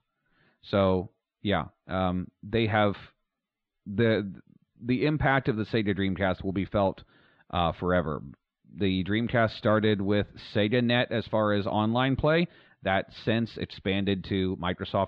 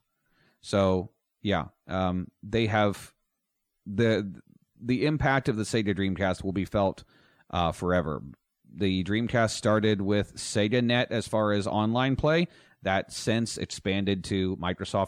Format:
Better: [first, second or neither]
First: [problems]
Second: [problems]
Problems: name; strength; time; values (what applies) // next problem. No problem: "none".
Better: second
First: muffled; slightly; fading above 3.5 kHz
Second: none